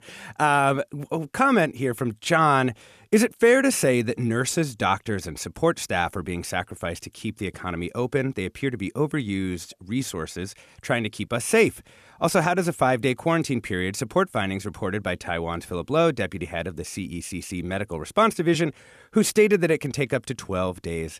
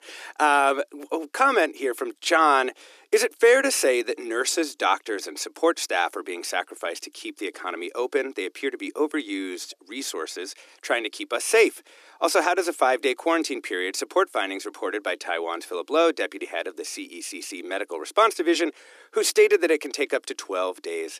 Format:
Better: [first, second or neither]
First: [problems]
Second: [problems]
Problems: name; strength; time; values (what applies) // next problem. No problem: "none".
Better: first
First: none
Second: thin; somewhat; fading below 300 Hz